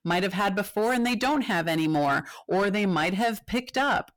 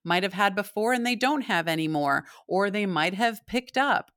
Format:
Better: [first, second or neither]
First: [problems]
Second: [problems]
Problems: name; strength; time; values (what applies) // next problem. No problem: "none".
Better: second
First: distortion; heavy; 8 dB below the speech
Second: none